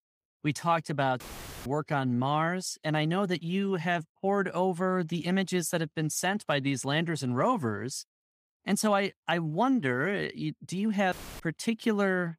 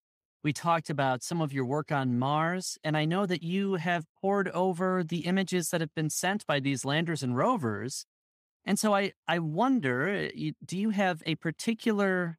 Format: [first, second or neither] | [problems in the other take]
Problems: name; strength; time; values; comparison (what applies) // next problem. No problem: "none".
second | audio cutting out; filled with static; at 1 s and at 11 s